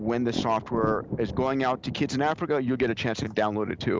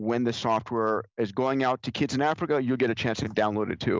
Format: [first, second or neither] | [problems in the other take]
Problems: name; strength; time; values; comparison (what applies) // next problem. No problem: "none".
second | background sound (Thunder); 11 dB below the speech